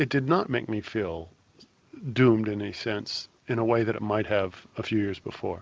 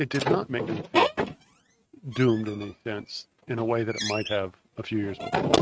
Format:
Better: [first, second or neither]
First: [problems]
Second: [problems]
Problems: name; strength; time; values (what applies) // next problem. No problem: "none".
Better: first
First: none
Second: noise reduction (neural mask model RNNoise)